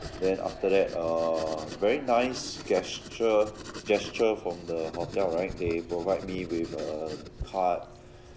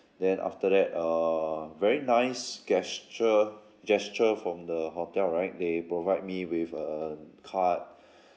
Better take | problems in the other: second | background sound (Writing); 13 dB below the speech

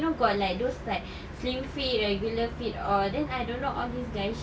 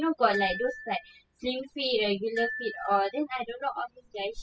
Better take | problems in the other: first | noise reduction (classical method spectral subtraction)

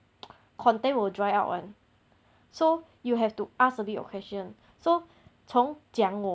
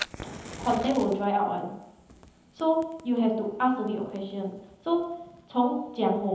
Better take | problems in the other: first | background sound (Fire); 17 dB below the speech // room echo; dies away in 0.9 s

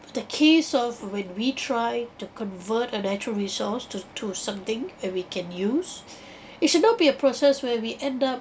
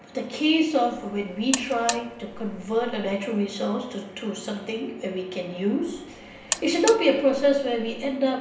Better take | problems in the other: first | background sound (Alarm); 10 dB below the speech // room echo; dies away in 0.8 s

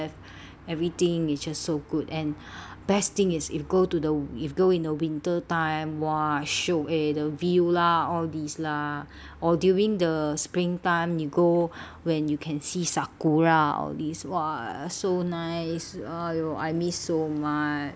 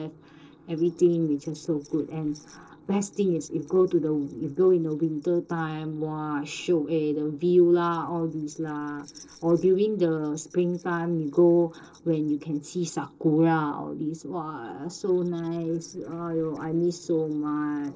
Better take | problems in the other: first | noise reduction (neural separator model SepFormer DNS4)

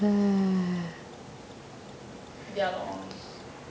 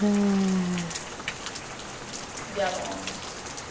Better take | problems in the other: first | background sound (Rain); 8 dB below the speech

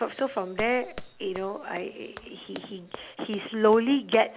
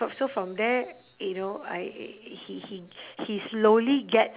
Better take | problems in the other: second | background sound (Run); 17 dB below the speech

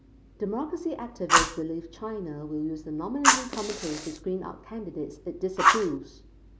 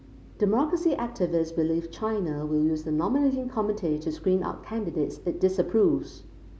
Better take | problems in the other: second | background sound (Fire); 3 dB above the speech

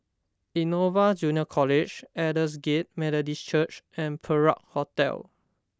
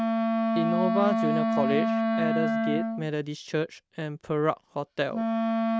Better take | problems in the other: first | noise reduction (neural mask model RNNoise)

